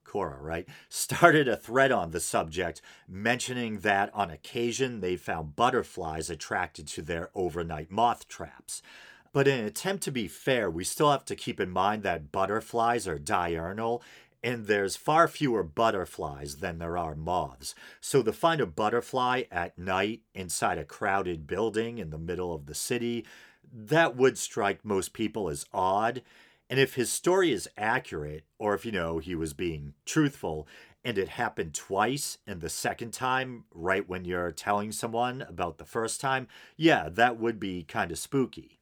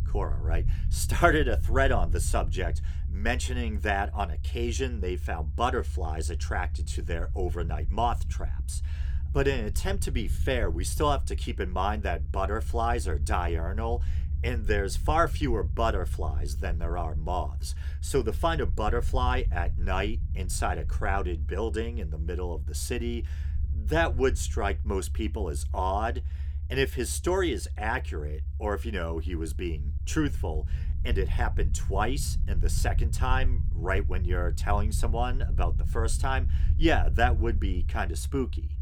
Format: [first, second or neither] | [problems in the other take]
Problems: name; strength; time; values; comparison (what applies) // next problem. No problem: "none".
first | low rumble; noticeable; throughout; 20 dB below the speech